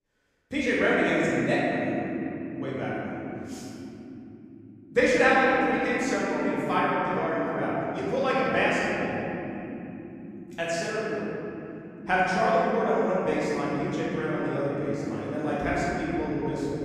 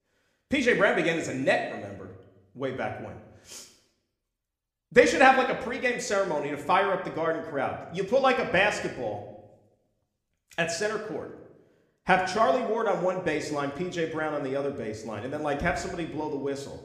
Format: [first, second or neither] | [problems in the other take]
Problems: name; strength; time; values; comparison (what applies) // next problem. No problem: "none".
second | room echo; strong; dies away in 3 s; slight in the second // off-mic speech; far